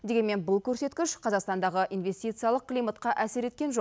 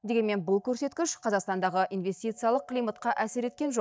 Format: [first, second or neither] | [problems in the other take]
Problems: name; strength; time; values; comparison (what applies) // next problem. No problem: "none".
first | noise reduction (neural mask model DeepFilterNet 3)